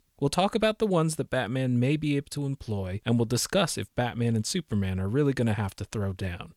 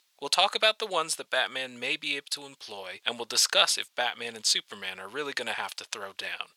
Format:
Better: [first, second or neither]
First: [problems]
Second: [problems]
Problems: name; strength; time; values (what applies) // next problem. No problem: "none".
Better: first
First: none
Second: thin; very; fading below 850 Hz